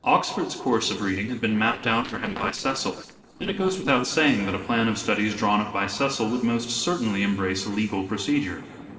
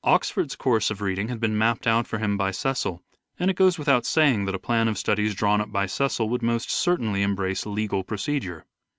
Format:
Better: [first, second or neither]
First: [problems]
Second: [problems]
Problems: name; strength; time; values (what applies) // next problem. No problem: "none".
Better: second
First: noise reduction (neural separator model SepFormer DNS4)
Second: none